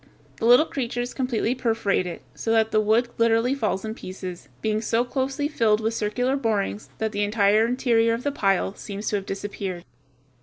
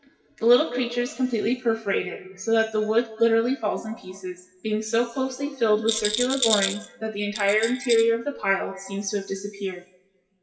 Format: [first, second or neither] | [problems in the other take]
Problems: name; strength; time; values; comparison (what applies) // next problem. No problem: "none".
first | noise reduction (classical method WPE with log-MMSE)